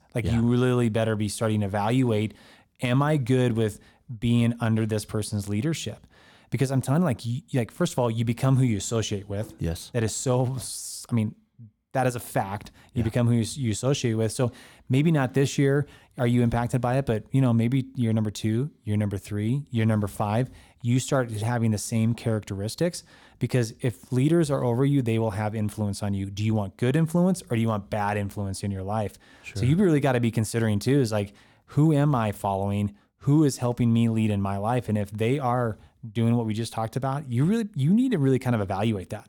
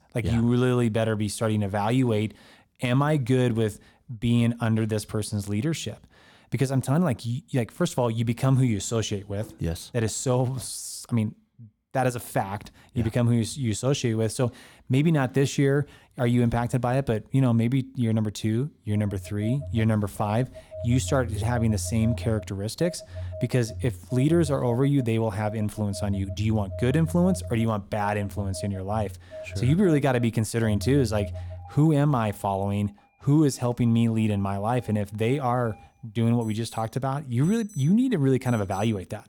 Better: first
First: none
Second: alarms or sirens; noticeable; from 19 s on; 15 dB below the speech

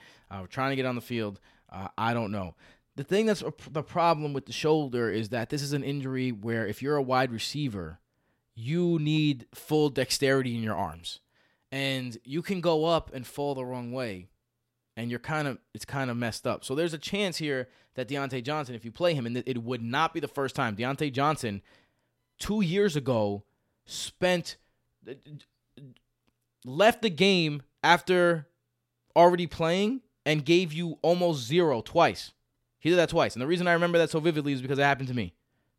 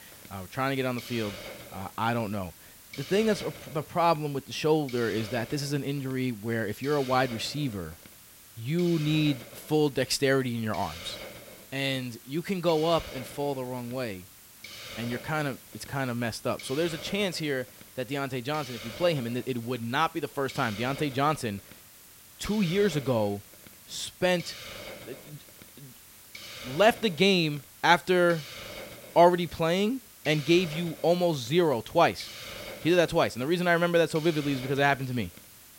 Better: first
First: none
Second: hiss; noticeable; throughout; 15 dB below the speech

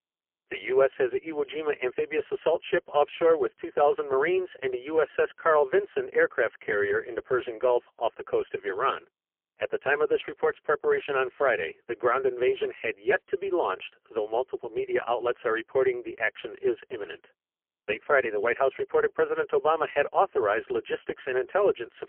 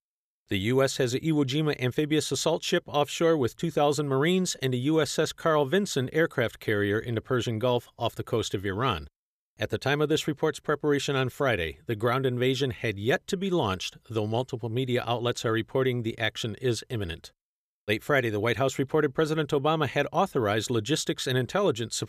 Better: second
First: phone-call audio; poor line; nothing above 3 kHz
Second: none

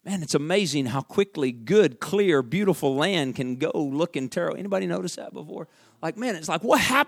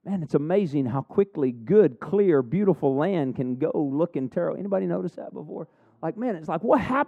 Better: first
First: none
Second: muffled; very; fading above 2.5 kHz

